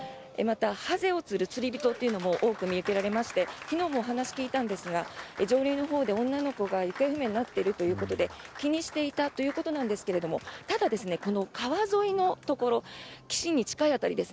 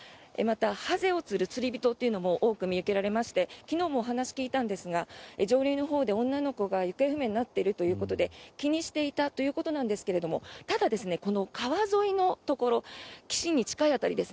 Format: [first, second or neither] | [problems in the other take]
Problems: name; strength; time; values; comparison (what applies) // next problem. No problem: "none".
second | background sound (Applause); 16 dB below the speech